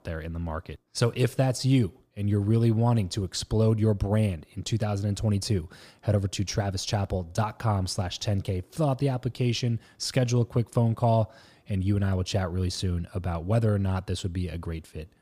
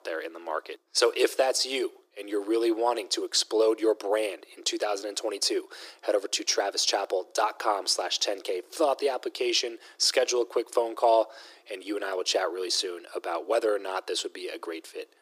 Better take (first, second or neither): first